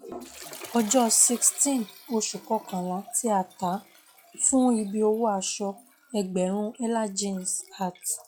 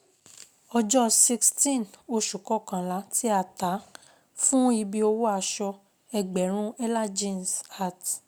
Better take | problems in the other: second | noise reduction (classical method log-MMSE)

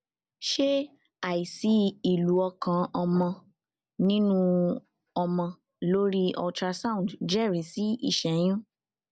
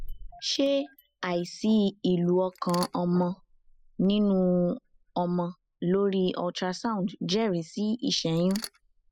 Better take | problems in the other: first | noise reduction (classical method spectral subtraction)

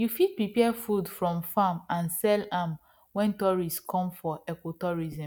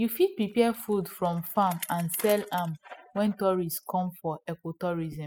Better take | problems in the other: first | noise reduction (classical method spectral subtraction)

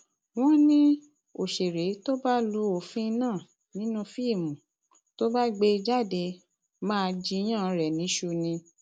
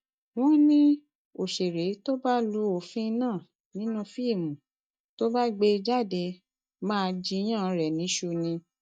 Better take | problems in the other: first | noise reduction (neural mask model DeepFilterNet 3)

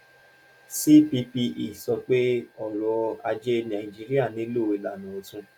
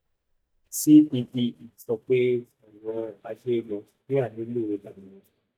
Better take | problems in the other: first | noise reduction (neural mask model DeepFilterNet 3)

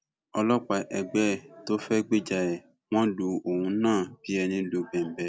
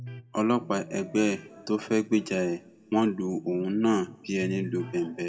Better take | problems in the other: first | background sound (Electric guitar); 18 dB below the speech // room echo; dies away in 1.4 s

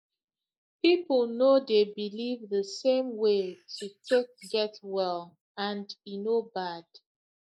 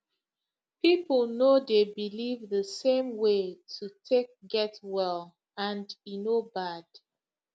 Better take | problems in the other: second | noise reduction (neural mask model Resemble Enhance denoiser)

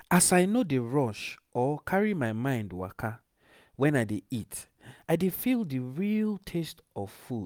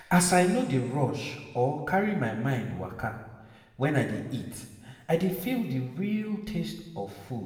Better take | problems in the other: first | room echo; dies away in 1.2 s

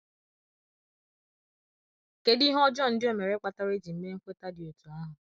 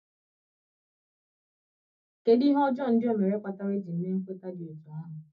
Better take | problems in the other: first | room echo; dies away in 0.3 s

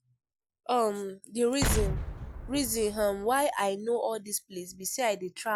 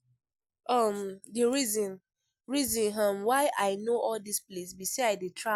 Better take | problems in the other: second | background sound (Explosion); 3 dB below the speech

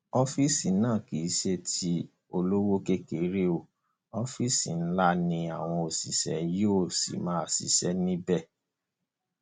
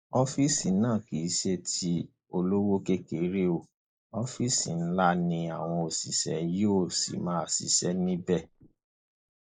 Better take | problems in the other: first | noise reduction (neural mask model Resemble Enhance denoiser)

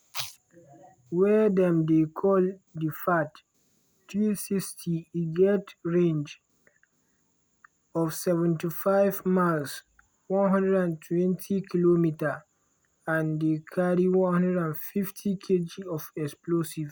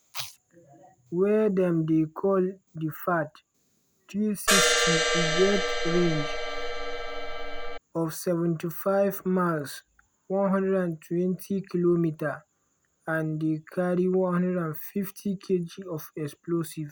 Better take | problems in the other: first | background sound (Crash cymbal); 2 dB above the speech

